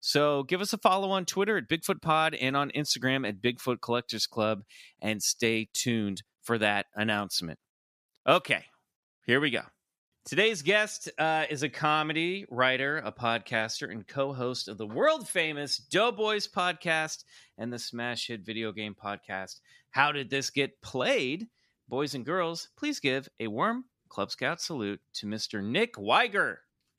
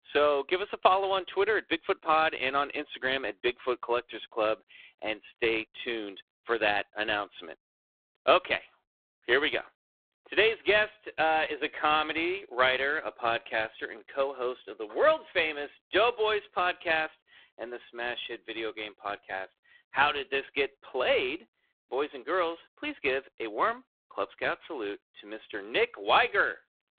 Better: first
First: none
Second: phone-call audio; poor line

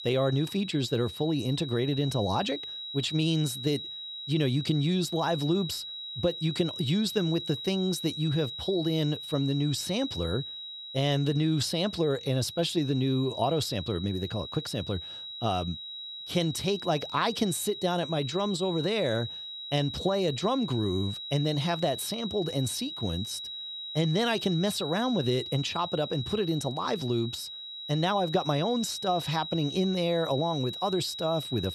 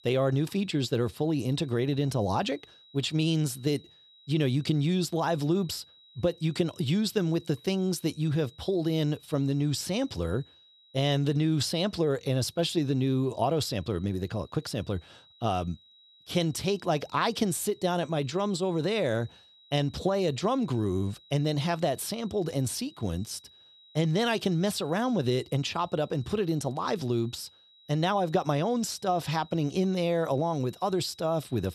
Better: second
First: high-pitched whine; loud; throughout; 4 kHz, 8 dB below the speech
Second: high-pitched whine; faint; throughout; 4 kHz, 25 dB below the speech

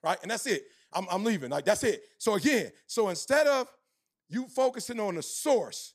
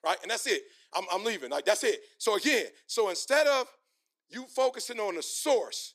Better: first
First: none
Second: thin; somewhat; fading below 350 Hz

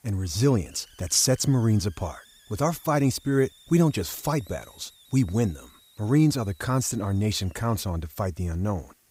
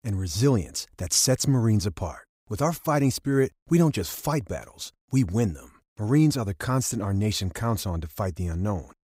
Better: second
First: hiss; faint; throughout; 30 dB below the speech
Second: none

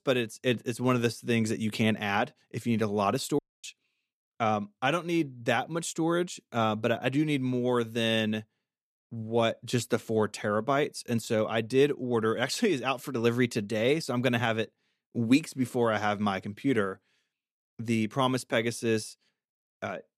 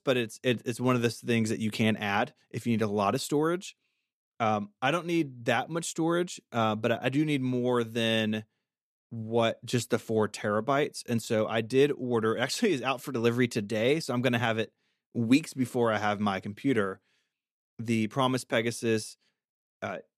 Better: second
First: audio cutting out; at 3.5 s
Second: none

